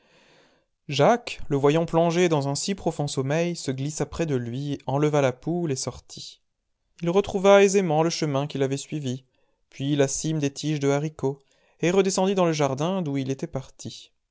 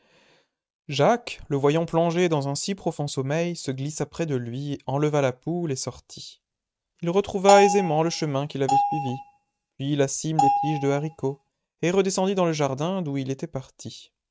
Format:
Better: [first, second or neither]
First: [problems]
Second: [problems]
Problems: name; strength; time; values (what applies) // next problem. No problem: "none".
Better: first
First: none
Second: noise reduction (neural mask model RNNoise)